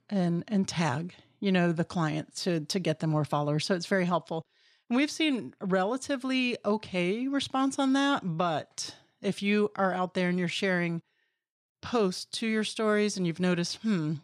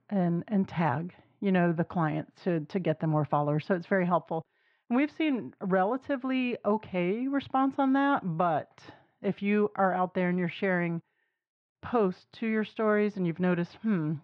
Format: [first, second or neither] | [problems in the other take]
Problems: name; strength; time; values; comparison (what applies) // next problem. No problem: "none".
first | muffled; very; fading above 2 kHz